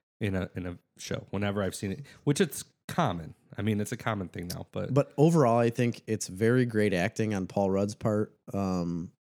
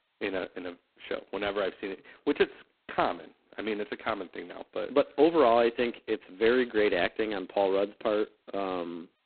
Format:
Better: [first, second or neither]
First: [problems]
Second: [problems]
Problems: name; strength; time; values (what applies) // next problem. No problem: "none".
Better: first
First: none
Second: phone-call audio; poor line; nothing above 4 kHz